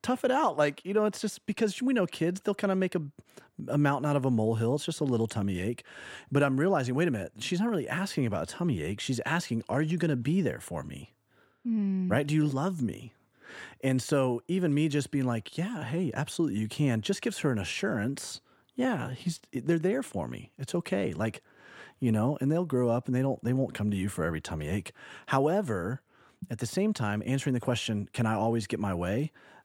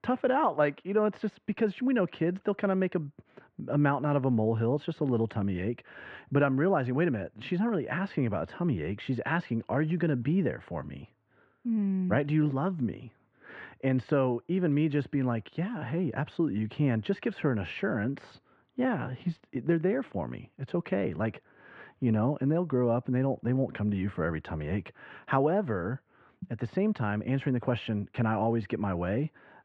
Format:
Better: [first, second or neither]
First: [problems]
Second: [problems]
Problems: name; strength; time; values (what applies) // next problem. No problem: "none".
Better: first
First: none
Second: muffled; very; fading above 2.5 kHz